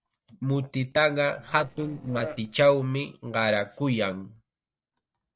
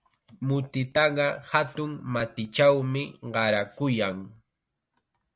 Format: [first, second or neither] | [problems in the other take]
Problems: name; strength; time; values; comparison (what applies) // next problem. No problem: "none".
second | noise reduction (neural separator model SepFormer DNS4)